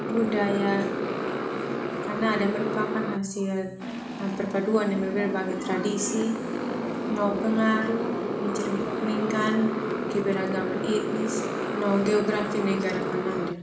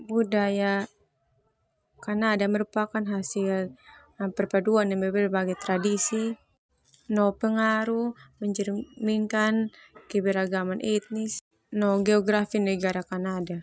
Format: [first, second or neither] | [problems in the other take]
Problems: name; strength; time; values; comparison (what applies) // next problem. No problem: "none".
second | background sound (Motorcycle); 2 dB below the speech // room echo; dies away in 0.7 s